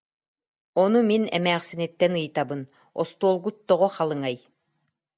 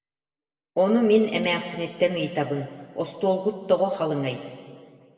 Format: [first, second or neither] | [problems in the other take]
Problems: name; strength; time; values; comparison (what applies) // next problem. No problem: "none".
first | room echo; dies away in 2 s